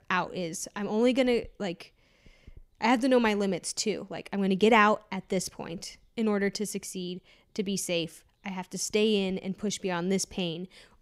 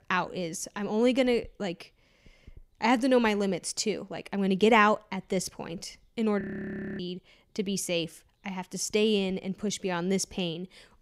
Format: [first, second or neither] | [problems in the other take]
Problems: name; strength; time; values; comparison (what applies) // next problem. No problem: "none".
first | audio freezing; at 6.5 s for 0.5 s